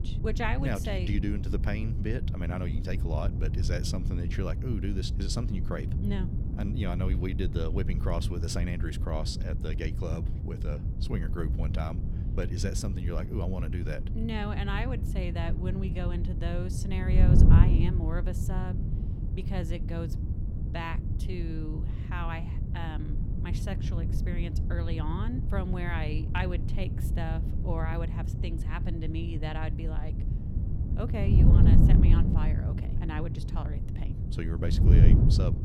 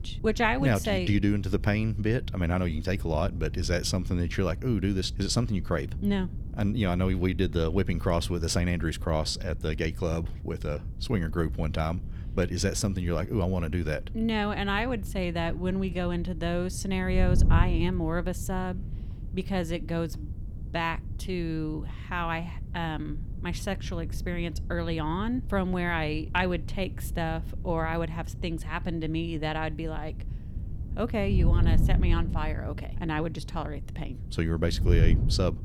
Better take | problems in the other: second | wind noise on the microphone; heavy; 3 dB below the speech; occasional gusts in the second

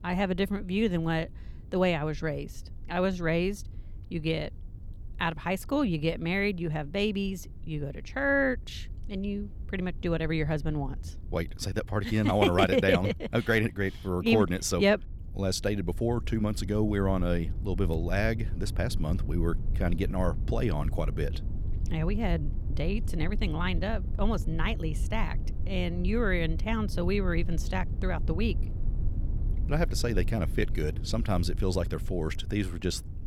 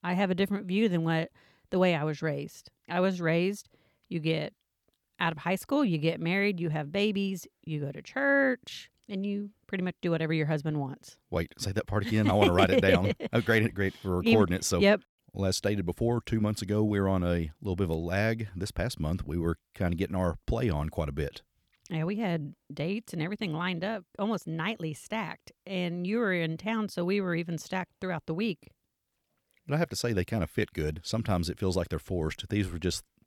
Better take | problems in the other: second | low rumble; faint; throughout; 20 dB below the speech

